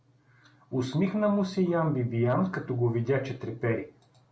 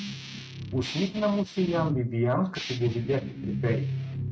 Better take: first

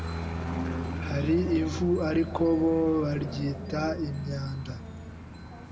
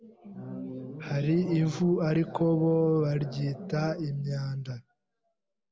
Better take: second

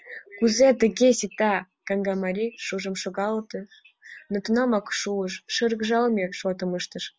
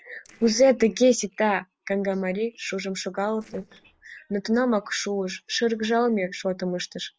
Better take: first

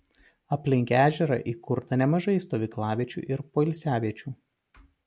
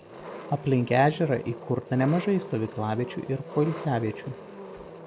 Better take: first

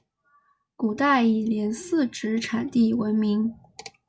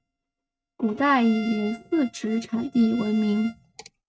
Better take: first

